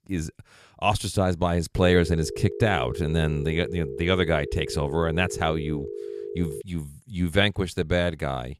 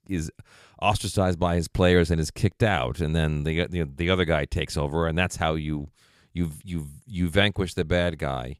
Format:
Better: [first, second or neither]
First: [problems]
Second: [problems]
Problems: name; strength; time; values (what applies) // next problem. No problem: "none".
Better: second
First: phone ringing; noticeable; from 2 to 6.5 s; peak 9 dB below the speech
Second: none